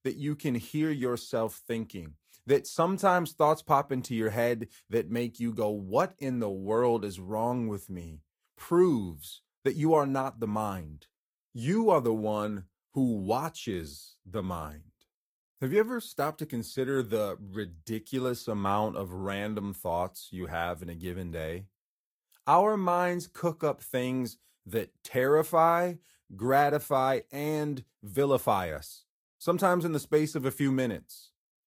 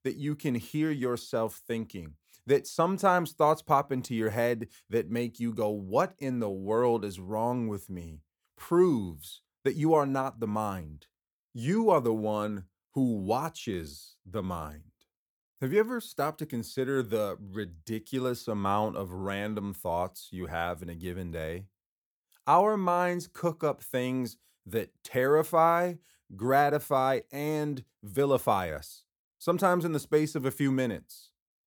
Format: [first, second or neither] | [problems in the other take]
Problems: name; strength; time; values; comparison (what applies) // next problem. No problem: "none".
second | garbled, watery; slightly; nothing above 15 kHz